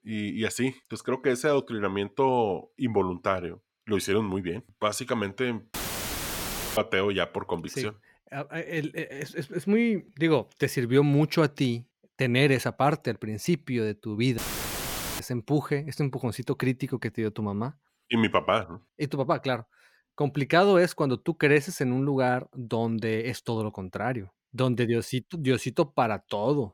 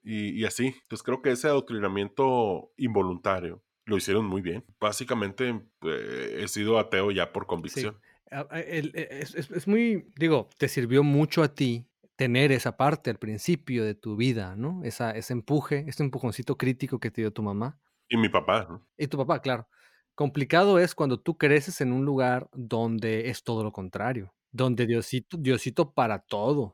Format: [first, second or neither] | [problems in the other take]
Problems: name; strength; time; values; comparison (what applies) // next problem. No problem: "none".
second | audio cutting out; filled with static; at 5.5 s for 1 s and at 14 s for 1 s